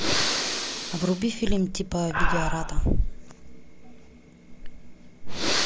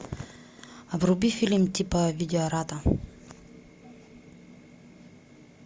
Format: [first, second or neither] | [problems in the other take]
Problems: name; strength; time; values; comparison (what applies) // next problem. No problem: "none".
second | background sound (Breathing); 5 dB above the speech